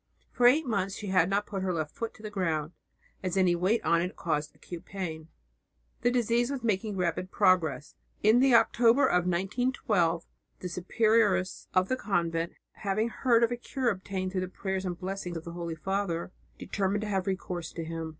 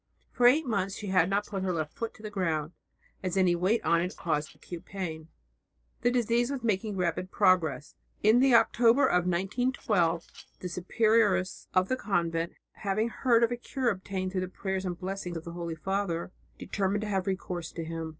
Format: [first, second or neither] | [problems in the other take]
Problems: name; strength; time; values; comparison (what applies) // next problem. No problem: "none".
first | noise reduction (neural separator model SepFormer DNS4)